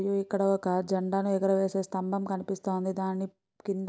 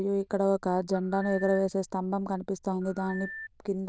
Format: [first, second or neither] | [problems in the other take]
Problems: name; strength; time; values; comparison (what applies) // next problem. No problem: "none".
first | noise reduction (neural diffusion model UNIVERSE++)